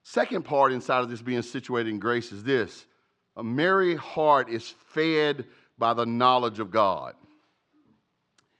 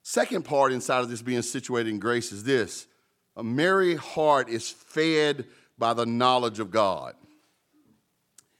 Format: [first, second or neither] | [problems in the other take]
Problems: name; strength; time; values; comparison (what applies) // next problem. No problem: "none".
second | muffled; very slightly; fading above 4.5 kHz